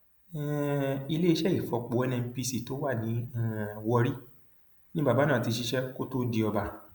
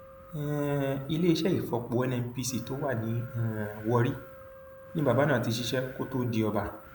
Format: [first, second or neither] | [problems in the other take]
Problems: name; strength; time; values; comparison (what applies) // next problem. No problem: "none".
first | background sound (Wind + Wind instrument, woodwind instrument); 18 dB below the speech